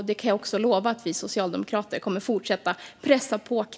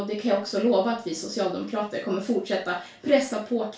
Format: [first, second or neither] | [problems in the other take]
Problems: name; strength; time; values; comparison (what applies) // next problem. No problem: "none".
first | room echo; dies away in 0.2 s